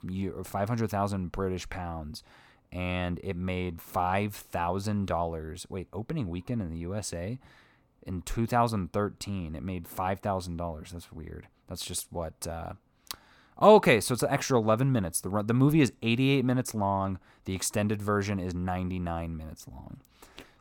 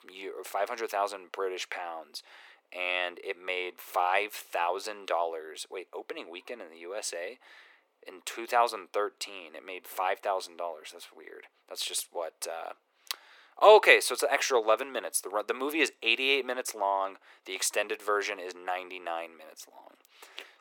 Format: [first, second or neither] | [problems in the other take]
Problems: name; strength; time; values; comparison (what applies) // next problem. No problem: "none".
first | thin; very; fading below 350 Hz